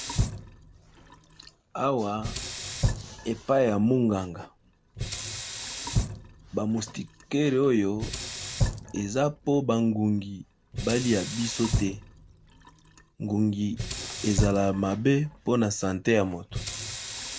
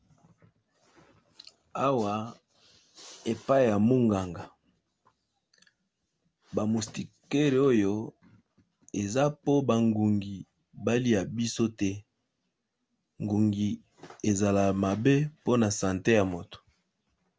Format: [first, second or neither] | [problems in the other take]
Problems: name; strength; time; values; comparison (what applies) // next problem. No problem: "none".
second | background sound (Sink (filling or washing)); 6 dB below the speech